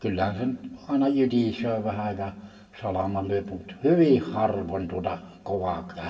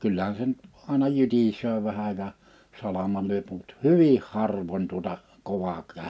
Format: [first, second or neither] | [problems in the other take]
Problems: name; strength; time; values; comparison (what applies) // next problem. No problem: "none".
second | room echo; dies away in 0.9 s